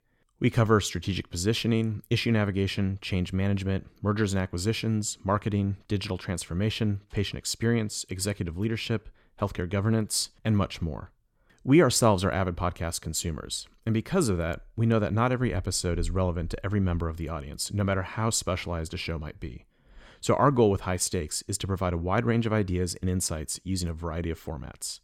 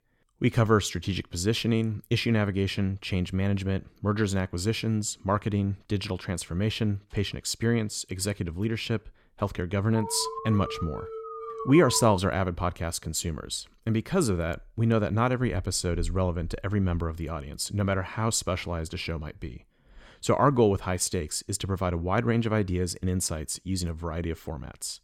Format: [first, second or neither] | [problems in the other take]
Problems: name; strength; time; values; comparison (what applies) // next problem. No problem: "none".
first | alarm; noticeable; from 10 to 12 s; peak 7 dB below the speech